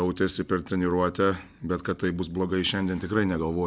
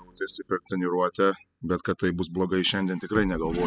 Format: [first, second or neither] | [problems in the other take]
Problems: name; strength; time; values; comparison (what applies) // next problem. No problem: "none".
first | noise reduction (classical method spectral subtraction)